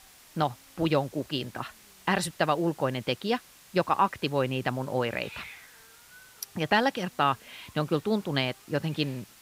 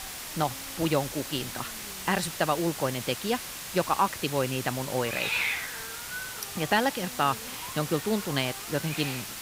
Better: first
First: hiss; faint; throughout; 20 dB below the speech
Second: hiss; loud; throughout; 5 dB below the speech

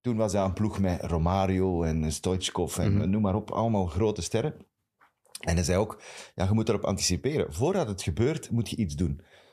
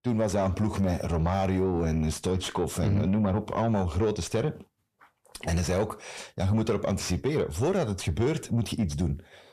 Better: first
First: none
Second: distortion; slight; 10 dB below the speech

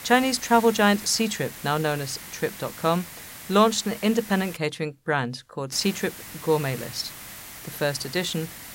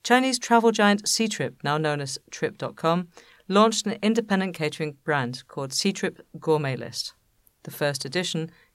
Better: second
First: hiss; noticeable; until 4.5 s and from 5.5 s on; 15 dB below the speech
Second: none

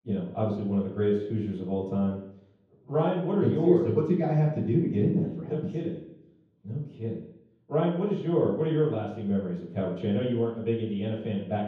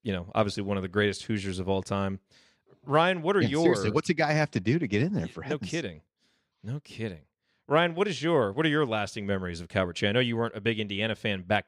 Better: second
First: room echo; strong; dies away in 0.9 s // off-mic speech; far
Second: none

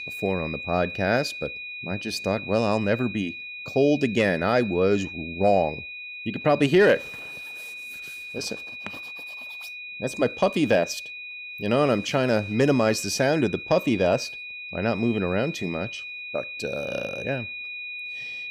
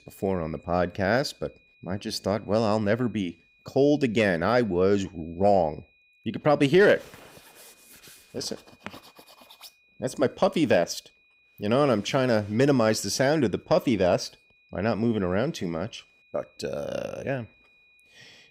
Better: second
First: high-pitched whine; loud; throughout; 2.5 kHz, 10 dB below the speech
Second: high-pitched whine; faint; throughout; 2.5 kHz, 35 dB below the speech

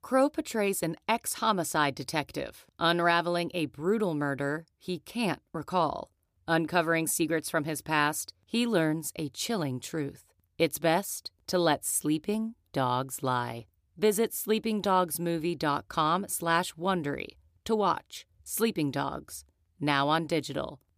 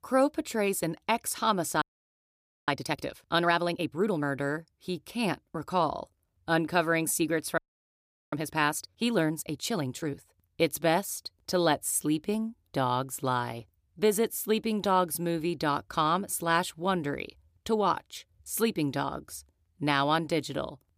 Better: first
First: none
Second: audio freezing; at 2 s for 1 s and at 7.5 s for 0.5 s

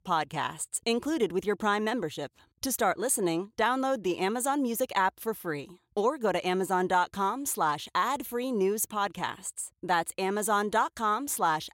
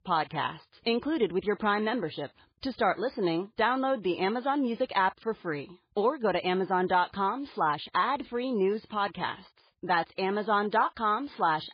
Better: first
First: none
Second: garbled, watery; badly; nothing above 4.5 kHz

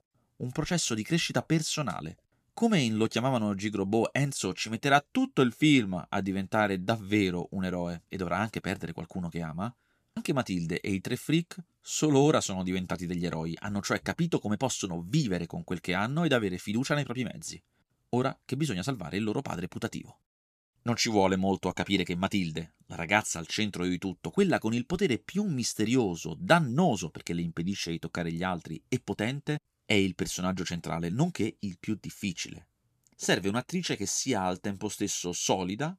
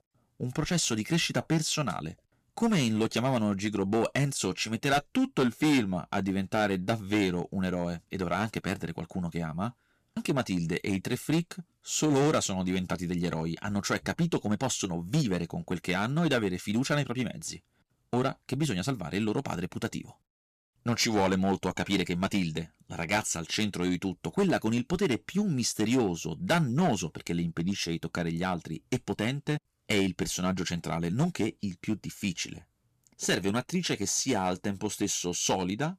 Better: first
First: none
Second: distortion; slight; 4% of the sound clipped

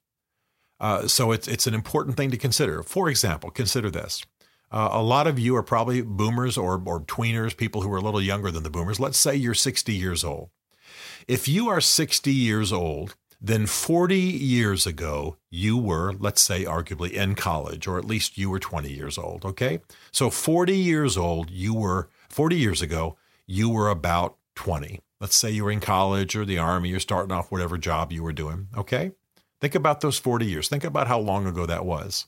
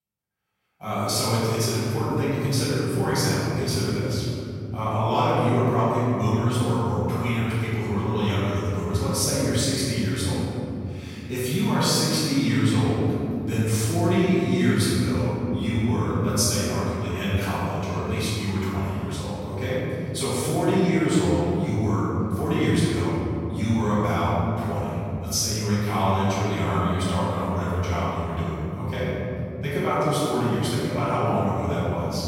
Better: first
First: none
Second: off-mic speech; far // room echo; strong; dies away in 3 s

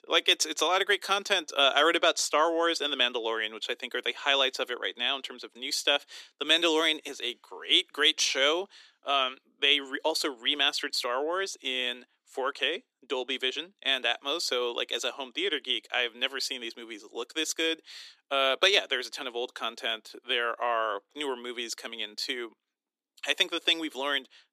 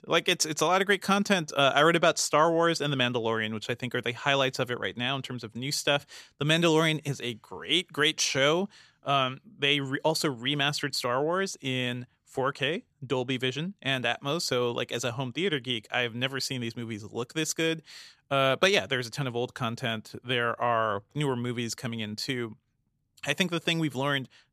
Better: second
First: thin; somewhat; fading below 300 Hz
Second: none

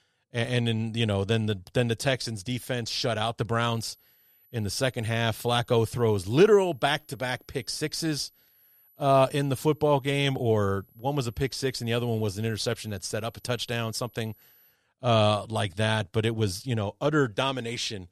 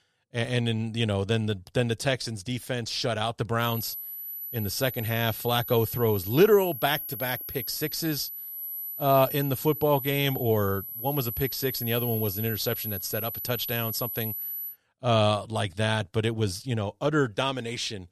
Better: first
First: high-pitched whine; faint; from 3.5 to 15 s; 12 kHz, 30 dB below the speech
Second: high-pitched whine; loud; from 3.5 to 15 s; 12 kHz, 6 dB below the speech

